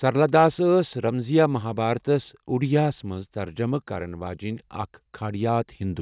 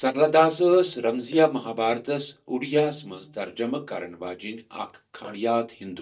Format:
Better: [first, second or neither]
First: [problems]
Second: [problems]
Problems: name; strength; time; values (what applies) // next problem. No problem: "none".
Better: first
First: none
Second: noise reduction (neural mask model DeepFilterNet 3)